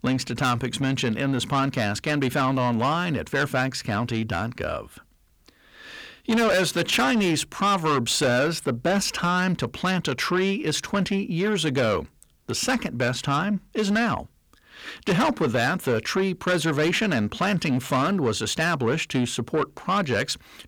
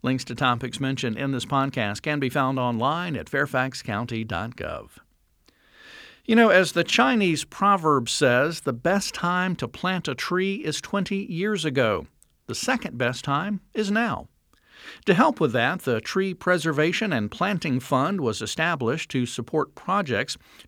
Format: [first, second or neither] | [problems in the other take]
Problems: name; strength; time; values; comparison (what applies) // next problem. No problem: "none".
second | distortion; heavy; 8 dB below the speech